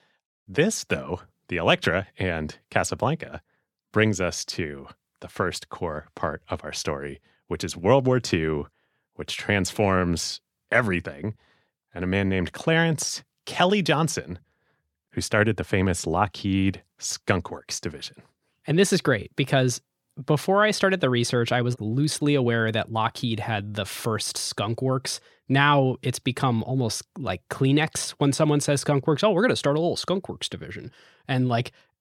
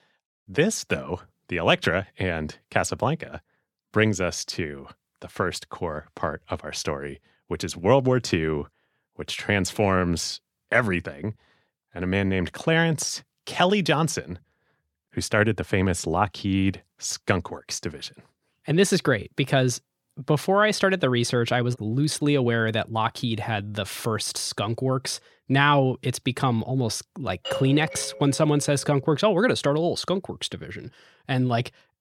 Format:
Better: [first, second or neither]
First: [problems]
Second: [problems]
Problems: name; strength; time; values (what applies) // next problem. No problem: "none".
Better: first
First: none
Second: doorbell; noticeable; from 27 to 29 s; peak 7 dB below the speech